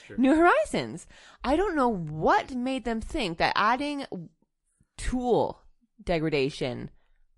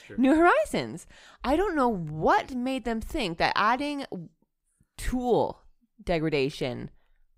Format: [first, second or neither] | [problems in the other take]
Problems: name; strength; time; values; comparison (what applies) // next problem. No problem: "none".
second | garbled, watery; slightly; nothing above 11 kHz